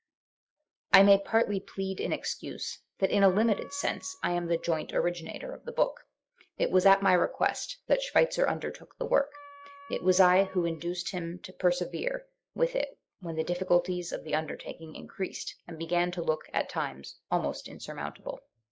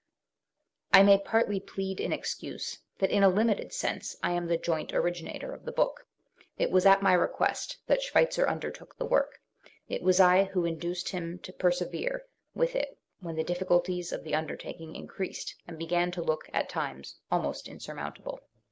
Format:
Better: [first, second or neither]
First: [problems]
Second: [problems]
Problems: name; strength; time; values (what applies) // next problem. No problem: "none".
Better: second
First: noise reduction (classical method log-MMSE)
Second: none